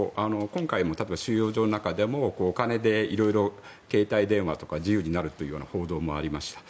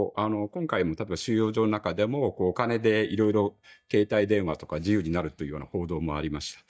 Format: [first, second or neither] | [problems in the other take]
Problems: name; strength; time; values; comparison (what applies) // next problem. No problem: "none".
first | noise reduction (neural mask model DeepFilterNet 3)